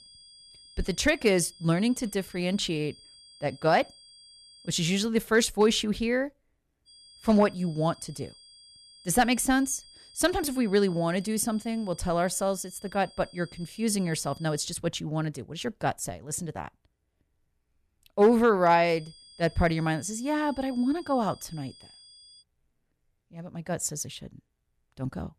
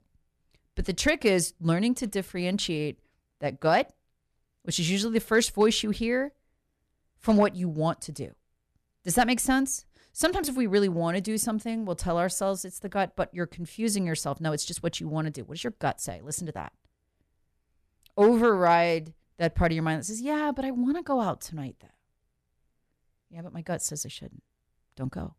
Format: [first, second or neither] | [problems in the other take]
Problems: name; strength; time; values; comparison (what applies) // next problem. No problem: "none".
second | high-pitched whine; faint; until 4.5 s, from 7 to 15 s and from 19 to 22 s; 5 kHz, 25 dB below the speech